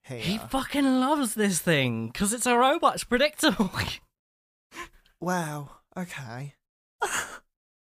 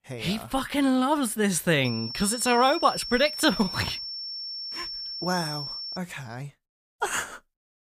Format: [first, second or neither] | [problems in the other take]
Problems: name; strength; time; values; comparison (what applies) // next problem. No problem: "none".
first | high-pitched whine; loud; from 2 to 6 s; 5.5 kHz, 7 dB below the speech